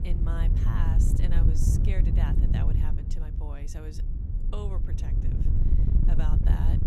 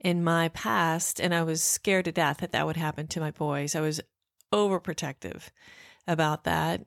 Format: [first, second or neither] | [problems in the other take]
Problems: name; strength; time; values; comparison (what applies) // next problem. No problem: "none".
second | wind noise on the microphone; heavy; 1 dB above the speech